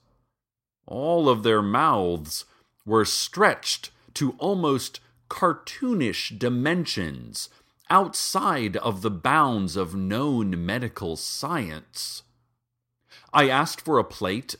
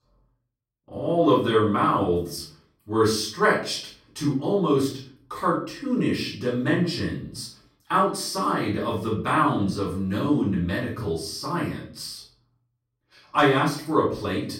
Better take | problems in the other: first | off-mic speech; far // room echo; noticeable; dies away in 0.5 s

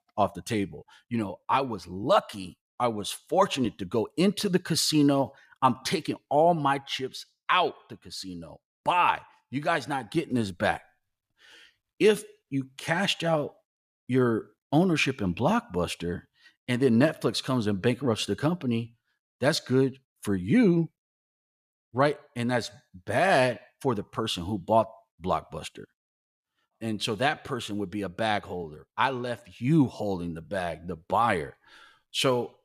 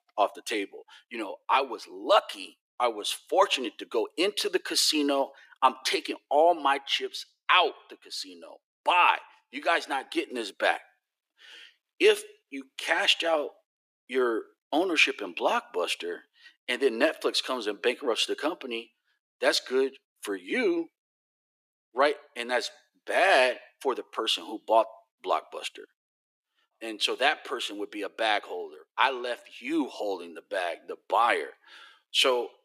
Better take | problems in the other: first | thin; somewhat; fading below 300 Hz

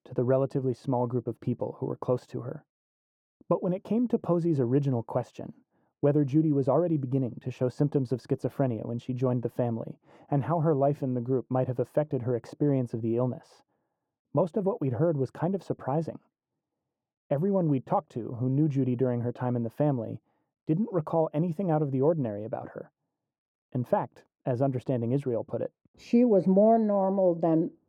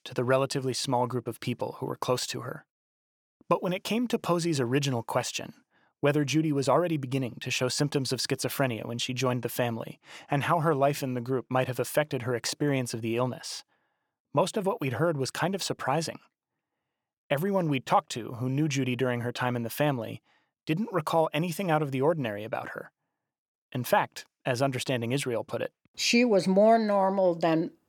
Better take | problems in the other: second | muffled; very; fading above 1.5 kHz

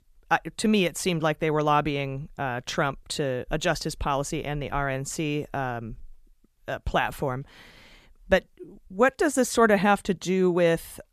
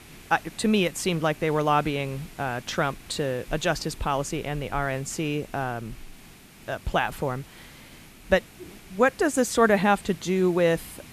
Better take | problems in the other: first | hiss; faint; throughout; 20 dB below the speech

